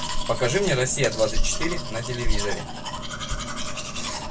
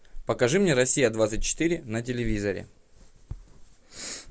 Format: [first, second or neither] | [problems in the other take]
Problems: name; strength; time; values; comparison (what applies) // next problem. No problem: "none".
second | background sound (Domestic sounds, home sounds); 8 dB below the speech // room echo; dies away in 0.1 s